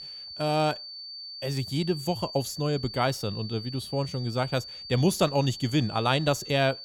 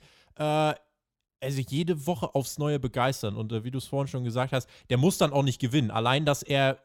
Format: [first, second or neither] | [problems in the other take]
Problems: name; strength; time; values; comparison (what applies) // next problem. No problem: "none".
second | high-pitched whine; noticeable; throughout; 4.5 kHz, 10 dB below the speech